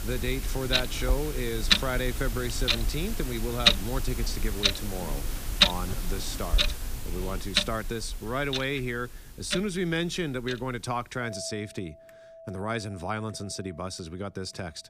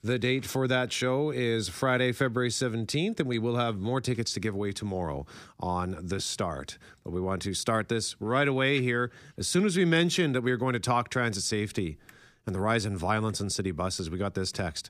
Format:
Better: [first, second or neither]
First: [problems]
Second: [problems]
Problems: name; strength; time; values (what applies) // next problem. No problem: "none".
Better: second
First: household noises; very loud; throughout; 5 dB above the speech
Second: none